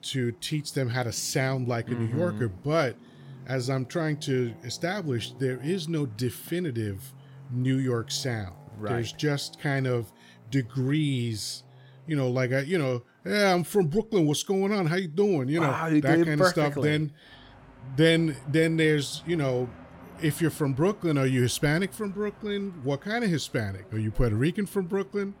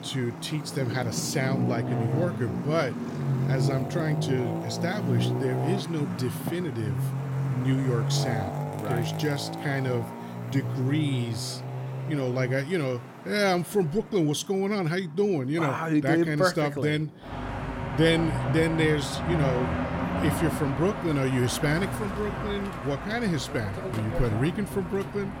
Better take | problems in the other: first | traffic noise; loud; throughout; 3 dB below the speech; faint in the first

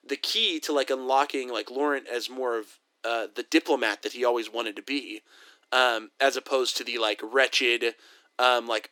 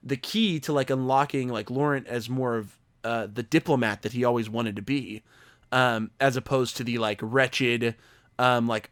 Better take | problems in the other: second | thin; somewhat; fading below 300 Hz

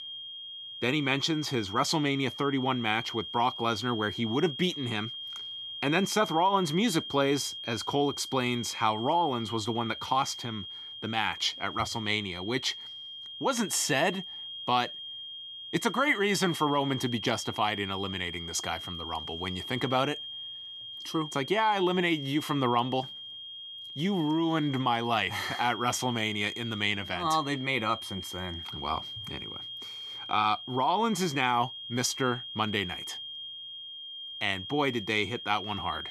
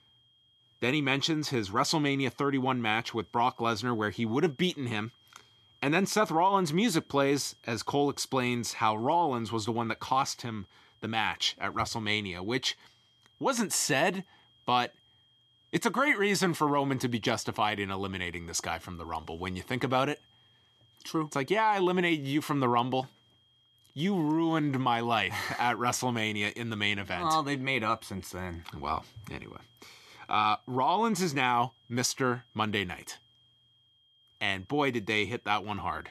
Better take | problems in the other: second | high-pitched whine; loud; throughout; 3 kHz, 9 dB below the speech; faint in the second

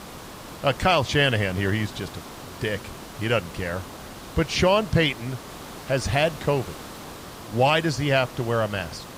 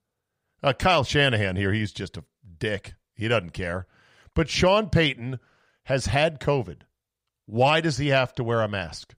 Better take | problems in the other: second | hiss; noticeable; throughout; 15 dB below the speech

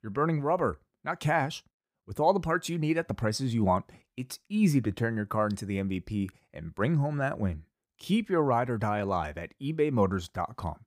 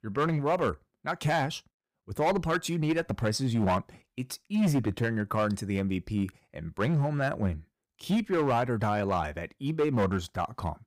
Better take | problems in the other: first | distortion; slight; 7% of the sound clipped

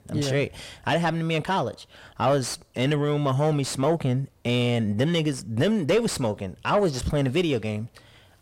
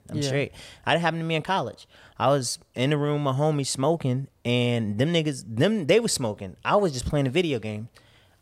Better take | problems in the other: second | distortion; slight; 10 dB below the speech

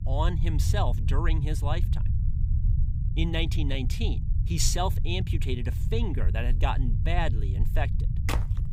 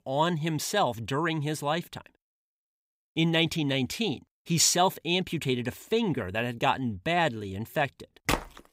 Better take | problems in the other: second | low rumble; noticeable; throughout; 10 dB below the speech

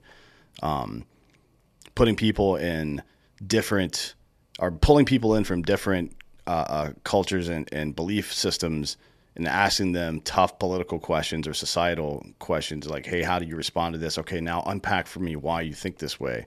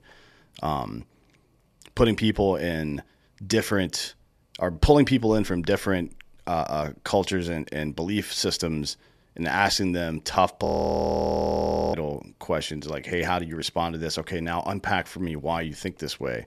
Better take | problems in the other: first | audio freezing; at 11 s for 1.5 s

